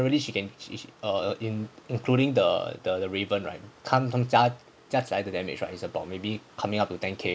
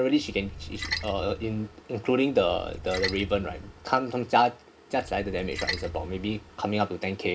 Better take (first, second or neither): first